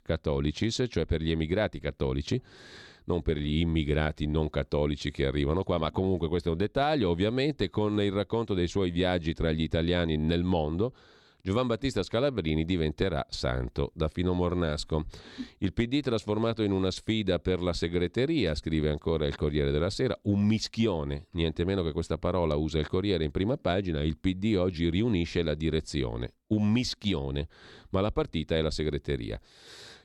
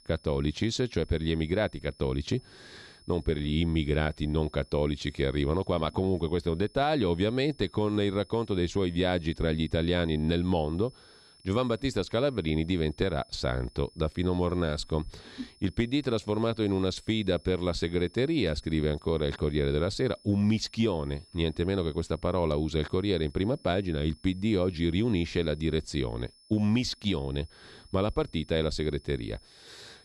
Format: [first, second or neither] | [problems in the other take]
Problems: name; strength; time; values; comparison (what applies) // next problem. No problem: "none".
first | high-pitched whine; faint; throughout; 5.5 kHz, 25 dB below the speech